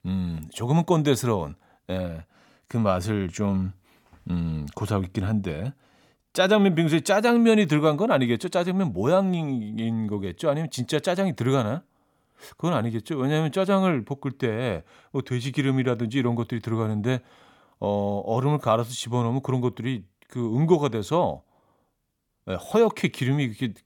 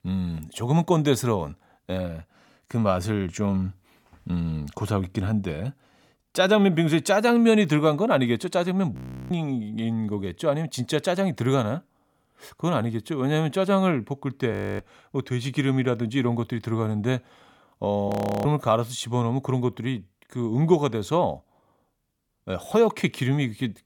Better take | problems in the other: first | audio freezing; at 9 s, at 15 s and at 18 s

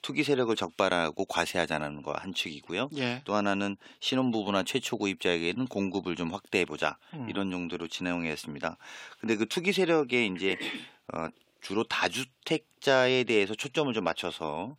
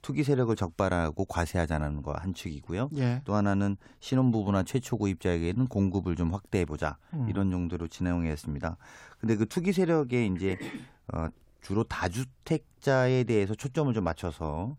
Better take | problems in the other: second | thin; very slightly; fading below 300 Hz

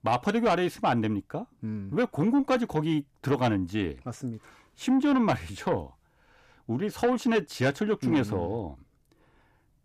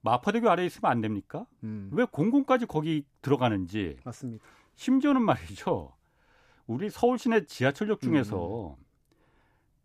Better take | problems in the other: second | distortion; slight; 10 dB below the speech

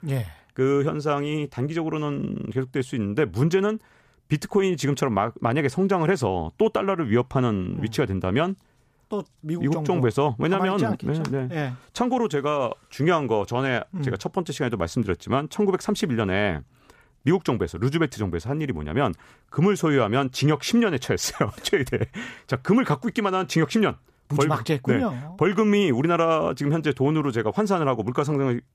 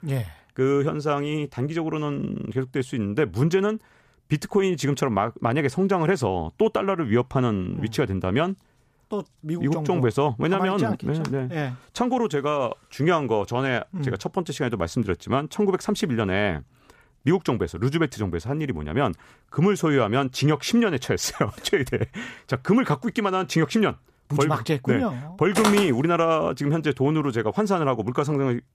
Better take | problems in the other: first | footsteps; noticeable; at 26 s; peak level with the speech

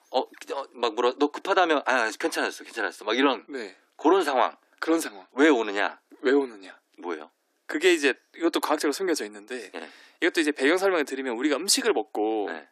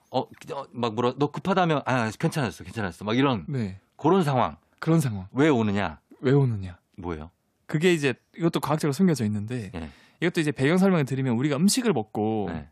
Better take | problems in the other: second | thin; somewhat; fading below 300 Hz

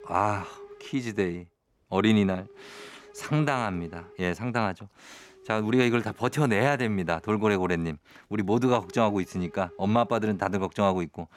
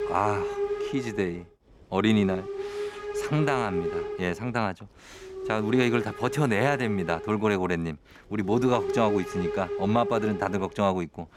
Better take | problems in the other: first | hiss; loud; throughout; 6 dB below the speech; faint in the first

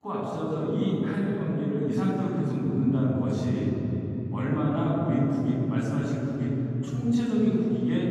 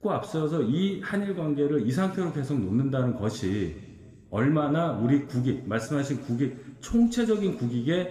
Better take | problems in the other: second | room echo; strong; dies away in 3 s; slight in the second // off-mic speech; far

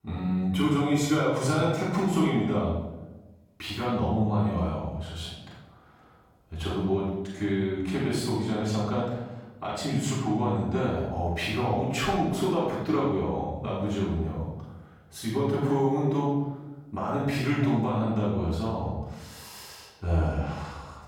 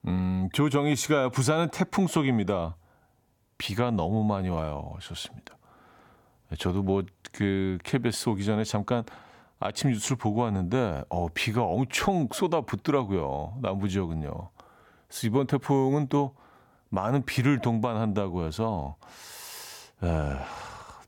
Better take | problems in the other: second | off-mic speech; far // room echo; noticeable; dies away in 0.9 s

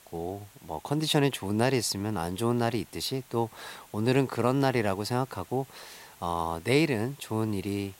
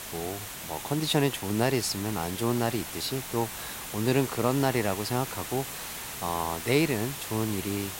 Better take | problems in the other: first | hiss; loud; throughout; 7 dB below the speech; faint in the first

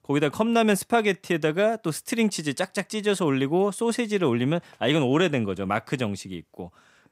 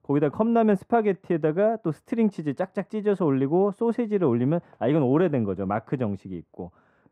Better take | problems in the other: first | muffled; very; fading above 2 kHz

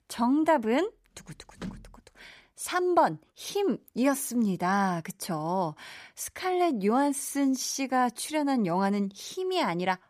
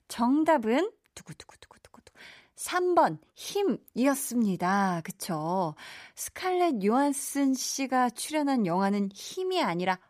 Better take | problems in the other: second | household noises; noticeable; until 3.5 s; 15 dB below the speech

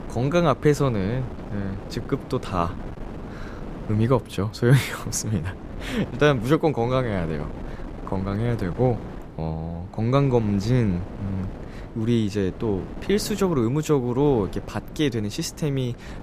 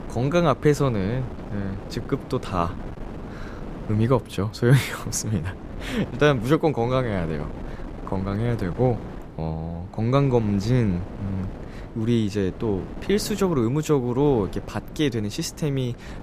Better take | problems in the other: neither | wind noise on the microphone; occasional gusts; 15 dB below the speech; the same in both

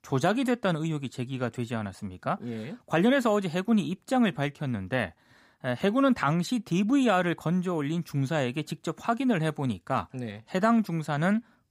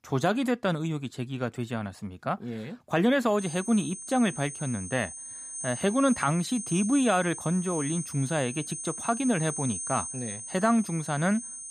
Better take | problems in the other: first | high-pitched whine; loud; from 3.5 s on; 8.5 kHz, 7 dB below the speech

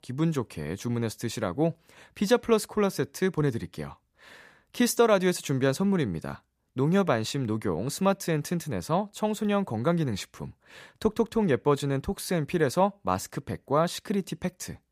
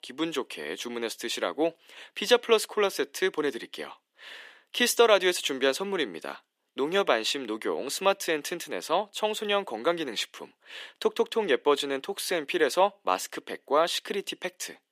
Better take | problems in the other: first | thin; somewhat; fading below 300 Hz

